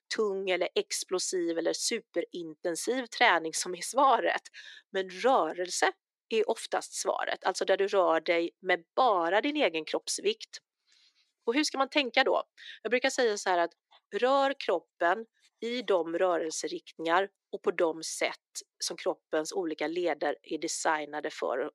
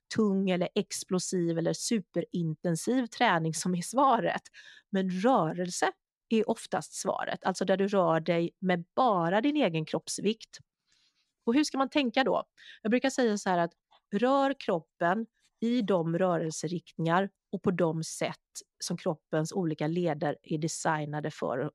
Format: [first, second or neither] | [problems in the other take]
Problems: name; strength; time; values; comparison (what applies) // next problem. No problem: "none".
second | thin; somewhat; fading below 350 Hz